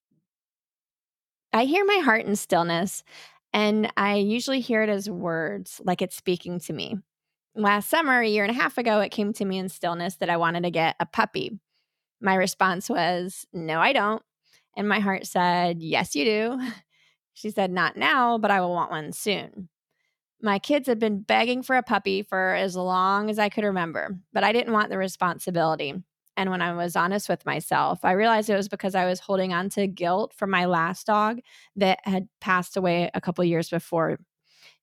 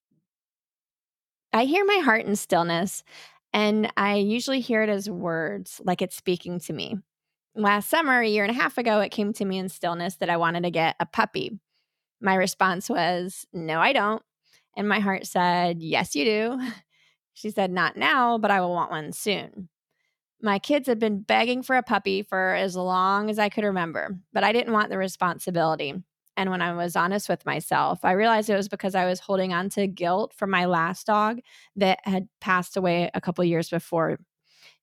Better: neither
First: none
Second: none

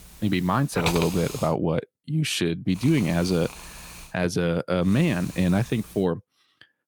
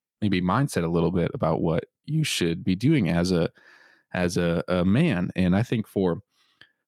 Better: second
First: hiss; noticeable; until 1.5 s, from 3 to 4 s and from 5 to 6 s; 10 dB below the speech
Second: none

